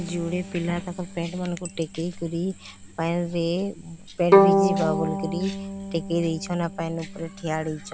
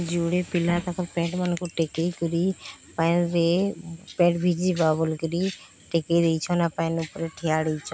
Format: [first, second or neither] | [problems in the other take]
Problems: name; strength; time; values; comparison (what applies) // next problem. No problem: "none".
second | background sound (Bowed string instrument); 1 dB above the speech